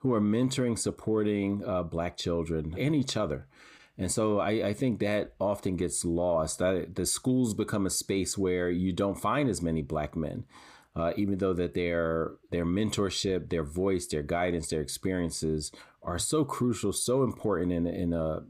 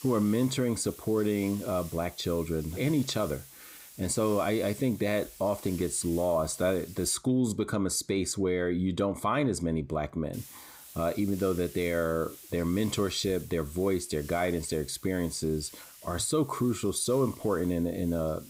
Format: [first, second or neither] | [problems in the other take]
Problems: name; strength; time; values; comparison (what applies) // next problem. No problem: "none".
first | hiss; noticeable; until 7 s and from 10 s on; 15 dB below the speech